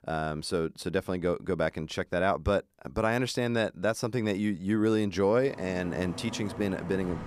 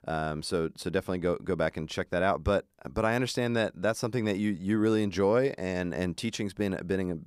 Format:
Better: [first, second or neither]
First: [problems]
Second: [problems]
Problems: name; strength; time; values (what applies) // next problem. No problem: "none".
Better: second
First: traffic noise; noticeable; from 5.5 s on; 15 dB below the speech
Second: none